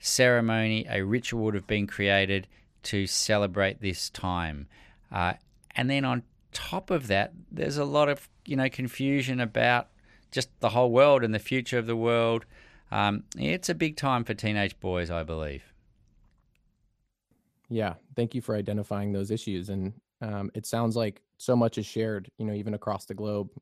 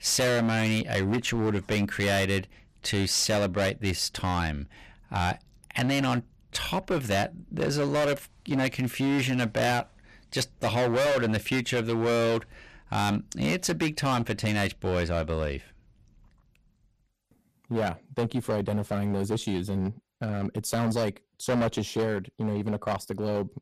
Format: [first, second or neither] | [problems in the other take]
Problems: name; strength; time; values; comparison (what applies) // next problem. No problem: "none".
first | distortion; heavy; 15% of the sound clipped